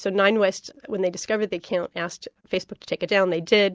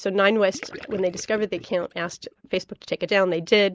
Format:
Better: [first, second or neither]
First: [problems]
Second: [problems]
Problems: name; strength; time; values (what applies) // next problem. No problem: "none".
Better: first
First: none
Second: noise reduction (neural mask model Resemble Enhance denoiser)